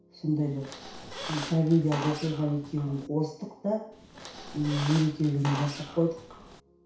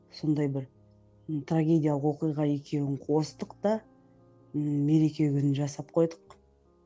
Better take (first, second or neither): second